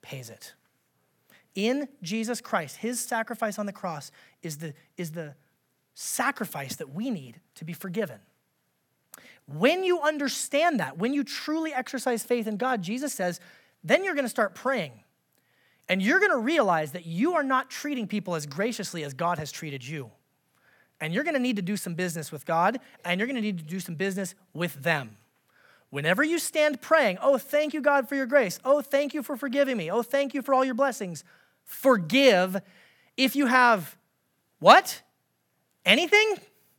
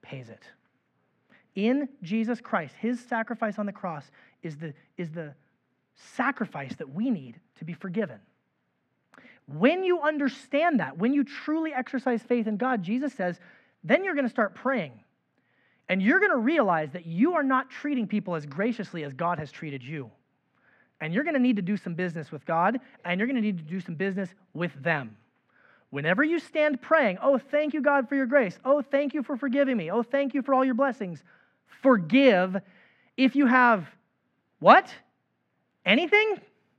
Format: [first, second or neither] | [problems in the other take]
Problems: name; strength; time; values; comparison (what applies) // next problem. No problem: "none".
first | muffled; slightly; fading above 2 kHz